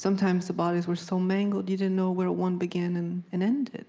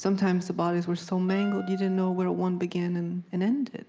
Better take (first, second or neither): first